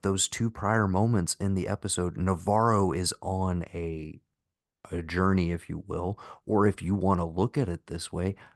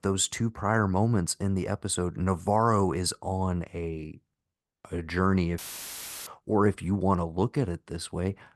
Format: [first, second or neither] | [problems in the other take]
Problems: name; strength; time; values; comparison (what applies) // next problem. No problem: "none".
first | audio cutting out; filled with static; at 5.5 s for 0.5 s